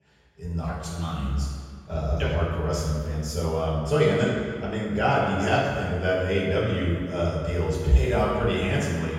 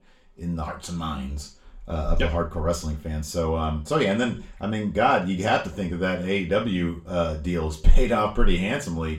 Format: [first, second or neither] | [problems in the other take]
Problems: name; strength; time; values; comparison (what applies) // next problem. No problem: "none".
second | room echo; strong; dies away in 1.7 s; slight in the second // off-mic speech; far; far in the second